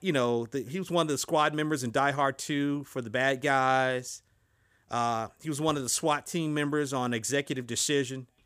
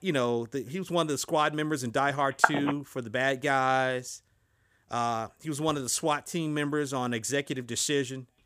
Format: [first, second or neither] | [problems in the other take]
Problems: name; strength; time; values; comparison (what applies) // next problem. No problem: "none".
first | phone ringing; loud; at 2.5 s; peak 4 dB above the speech